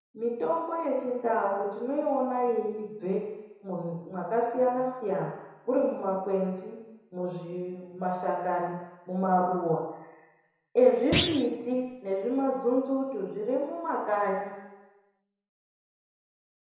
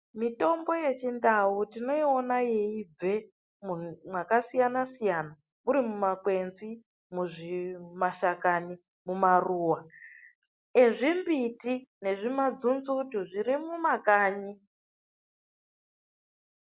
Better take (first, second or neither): second